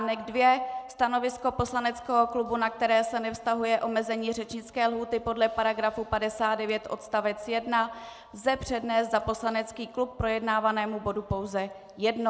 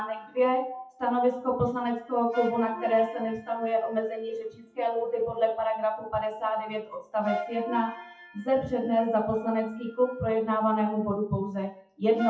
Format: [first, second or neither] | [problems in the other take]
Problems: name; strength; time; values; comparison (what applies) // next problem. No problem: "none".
first | noise reduction (classical method WPE with log-MMSE)